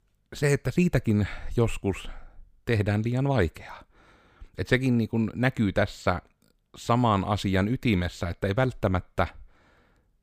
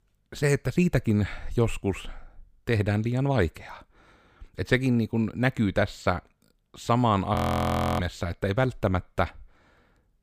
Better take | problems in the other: first | audio freezing; at 7.5 s for 0.5 s

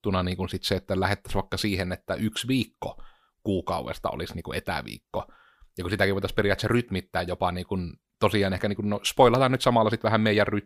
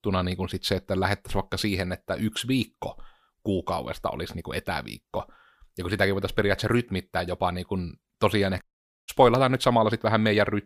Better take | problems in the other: first | audio cutting out; at 8.5 s

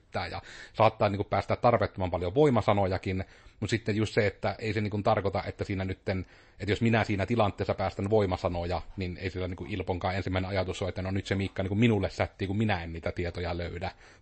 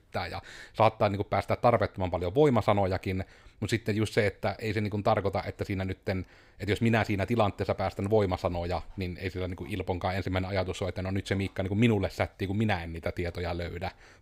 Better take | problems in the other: second | garbled, watery; slightly; nothing above 8 kHz

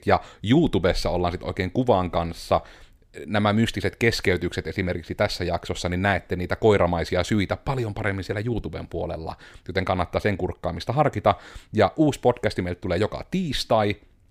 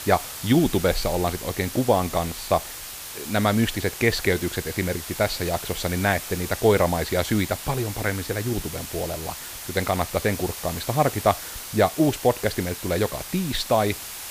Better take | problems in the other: first | hiss; loud; throughout; 9 dB below the speech

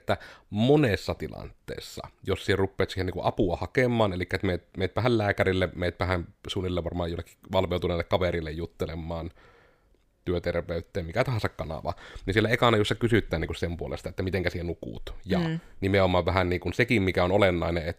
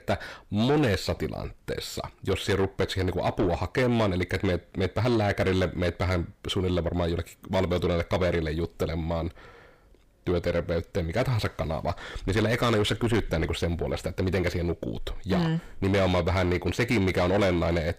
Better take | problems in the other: first | distortion; heavy; 7 dB below the speech

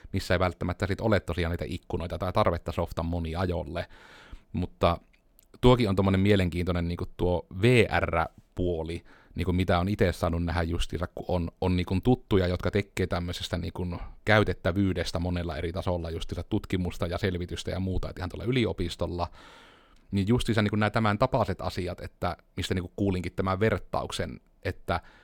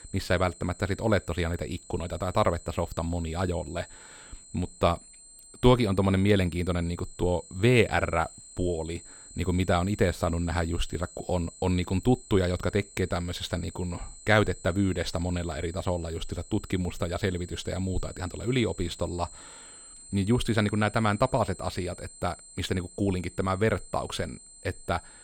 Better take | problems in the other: first | high-pitched whine; noticeable; throughout; 8 kHz, 20 dB below the speech

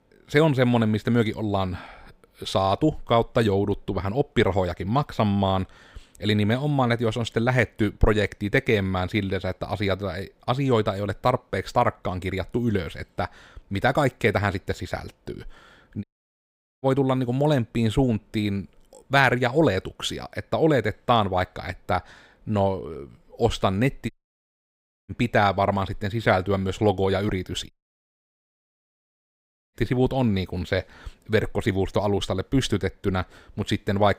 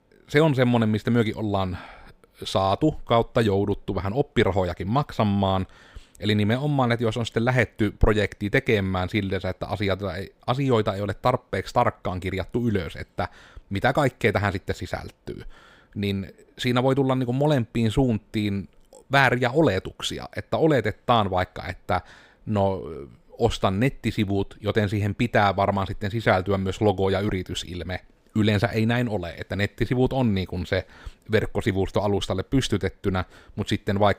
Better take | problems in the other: second | audio cutting out; at 16 s for 1 s, at 24 s for 1 s and at 28 s for 2 s

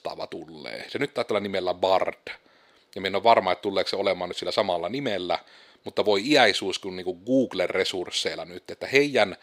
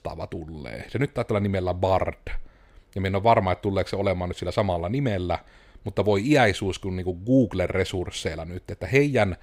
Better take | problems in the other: second | thin; very slightly; fading below 300 Hz

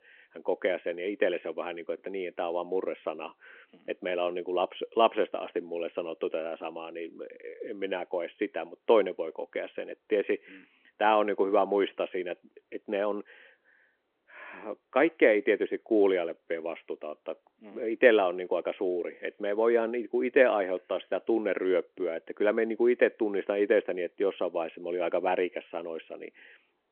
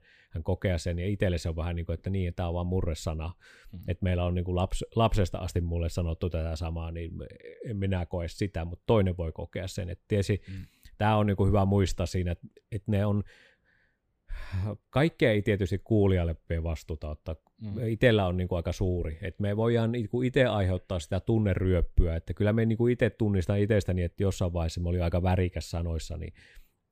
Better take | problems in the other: second | phone-call audio

